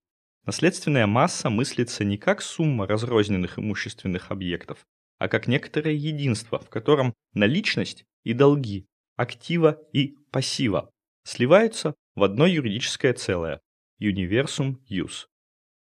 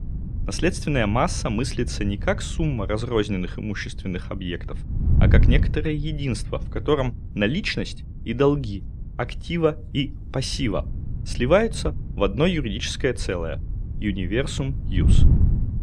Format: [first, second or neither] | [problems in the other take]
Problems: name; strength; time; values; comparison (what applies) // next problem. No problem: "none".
first | wind noise on the microphone; occasional gusts; 15 dB below the speech